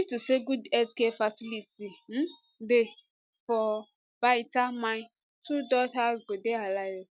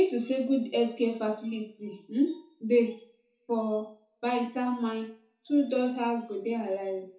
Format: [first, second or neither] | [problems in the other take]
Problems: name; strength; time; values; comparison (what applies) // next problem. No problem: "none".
first | room echo; dies away in 0.7 s